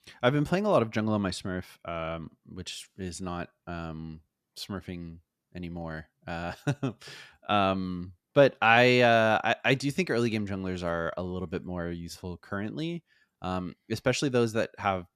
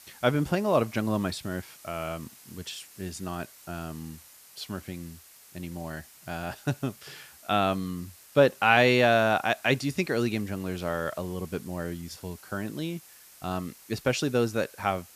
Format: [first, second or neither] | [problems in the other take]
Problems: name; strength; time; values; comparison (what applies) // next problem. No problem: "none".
first | hiss; faint; throughout; 20 dB below the speech